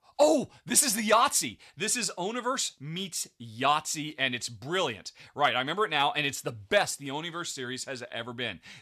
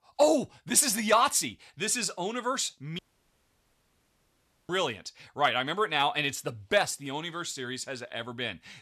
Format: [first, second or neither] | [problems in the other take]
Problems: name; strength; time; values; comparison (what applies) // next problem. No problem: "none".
first | audio cutting out; at 3 s for 1.5 s